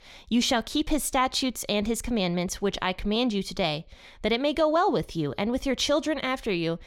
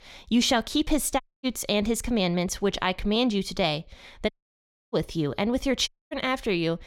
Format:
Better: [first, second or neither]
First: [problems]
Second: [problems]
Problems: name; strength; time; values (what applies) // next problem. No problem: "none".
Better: first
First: none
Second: audio cutting out; at 1 s, at 4.5 s for 0.5 s and at 6 s